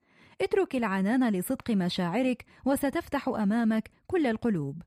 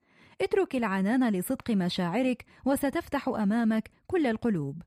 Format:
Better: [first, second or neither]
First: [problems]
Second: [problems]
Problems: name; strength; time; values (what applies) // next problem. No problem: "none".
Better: neither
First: none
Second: none